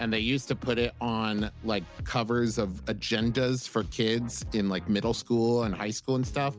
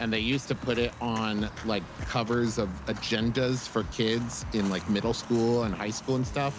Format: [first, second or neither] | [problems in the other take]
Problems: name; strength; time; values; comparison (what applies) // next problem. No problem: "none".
first | background sound (Walk, footsteps); 15 dB below the speech